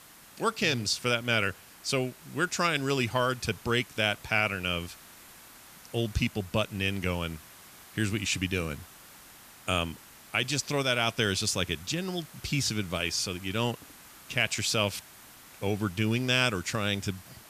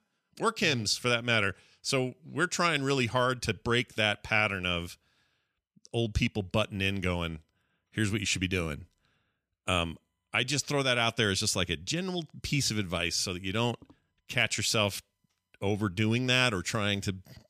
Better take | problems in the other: second | hiss; noticeable; throughout; 20 dB below the speech

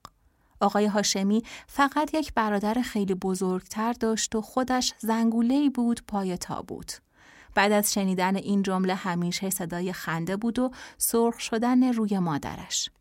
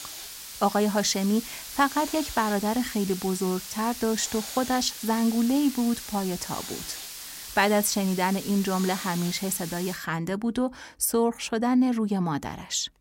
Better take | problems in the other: first | hiss; loud; until 10 s; 10 dB below the speech

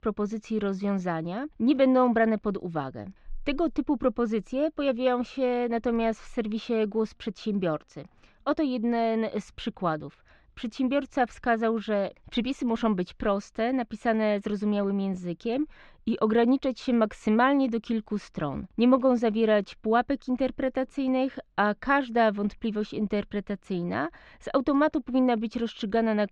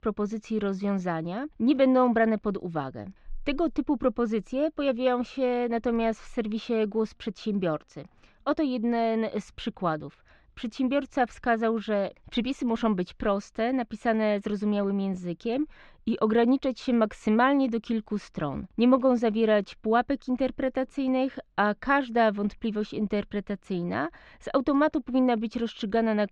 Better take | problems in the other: neither | muffled; slightly; fading above 3.5 kHz; the same in both

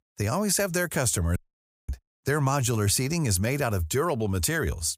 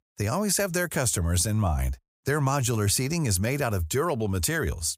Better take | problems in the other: second | audio cutting out; at 1.5 s for 0.5 s

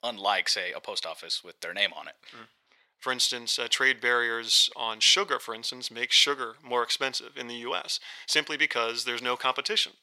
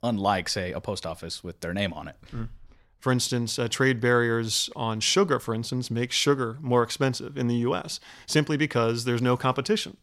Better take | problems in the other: second | thin; very; fading below 600 Hz

